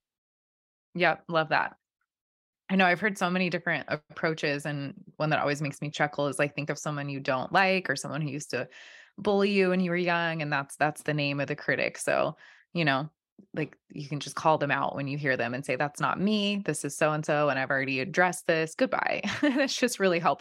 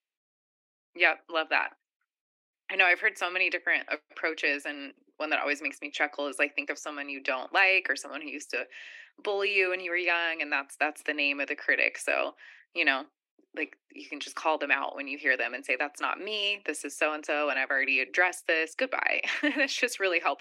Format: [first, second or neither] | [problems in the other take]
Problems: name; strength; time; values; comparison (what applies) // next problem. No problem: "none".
first | thin; somewhat; fading below 300 Hz